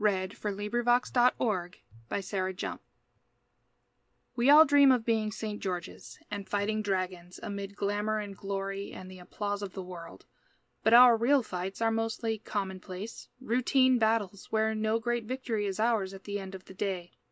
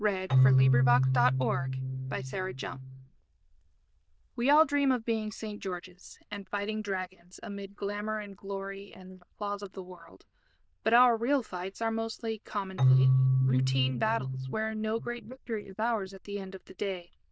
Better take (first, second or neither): first